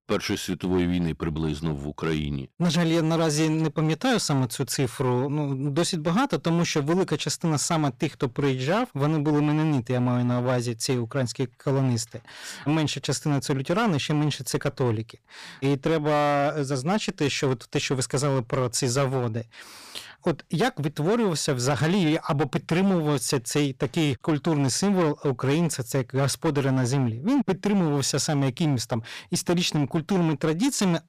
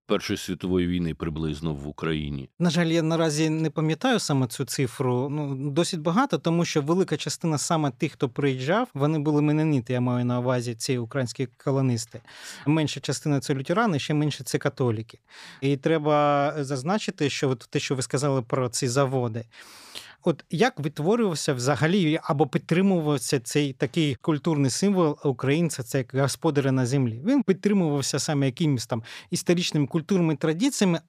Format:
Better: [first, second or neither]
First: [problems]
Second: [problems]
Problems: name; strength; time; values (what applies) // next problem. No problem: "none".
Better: second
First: distortion; slight; 12% of the sound clipped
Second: none